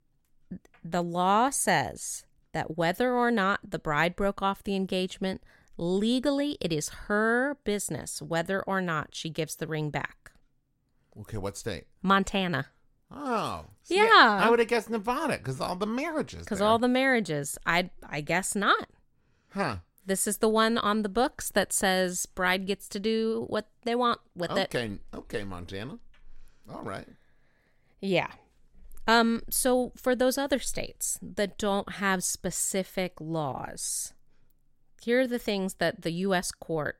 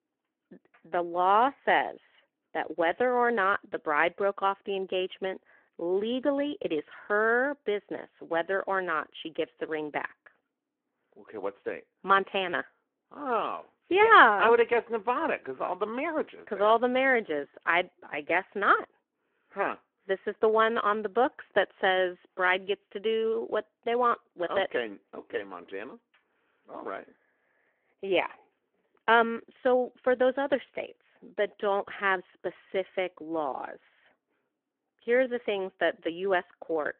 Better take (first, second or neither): first